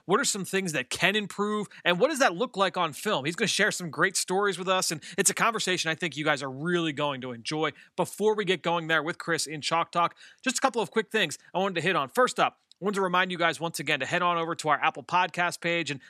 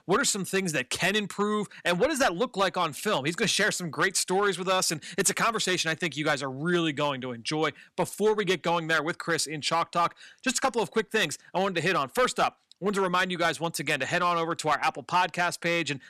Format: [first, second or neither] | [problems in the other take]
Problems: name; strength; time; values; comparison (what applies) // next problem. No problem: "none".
first | distortion; slight; 4% of the sound clipped